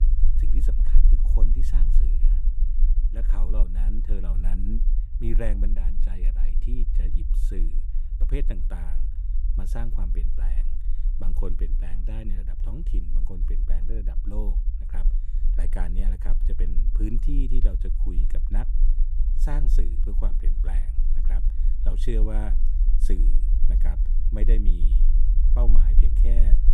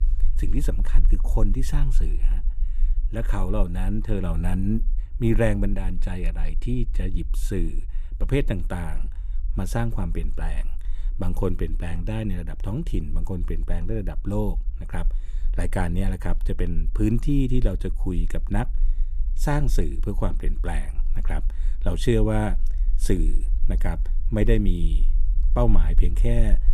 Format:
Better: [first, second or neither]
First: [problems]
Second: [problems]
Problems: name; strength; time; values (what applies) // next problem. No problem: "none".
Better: second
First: low rumble; loud; throughout; 8 dB below the speech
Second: low rumble; faint; throughout; 20 dB below the speech